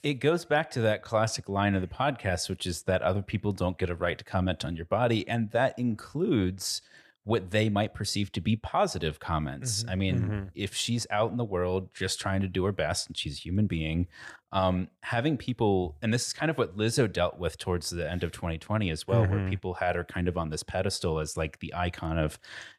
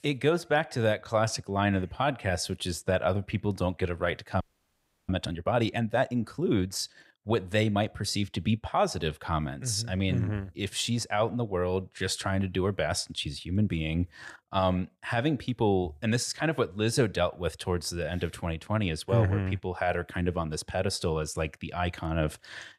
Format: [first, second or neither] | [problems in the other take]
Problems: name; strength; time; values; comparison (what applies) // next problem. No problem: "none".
first | audio freezing; at 4.5 s for 0.5 s